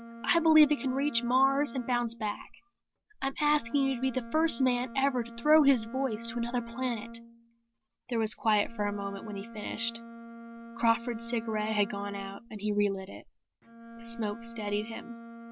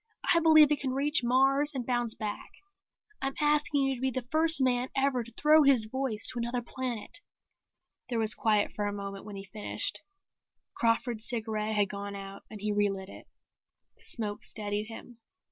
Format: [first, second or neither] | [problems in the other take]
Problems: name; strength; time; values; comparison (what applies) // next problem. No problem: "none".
second | background sound (Bowed string instrument); 14 dB below the speech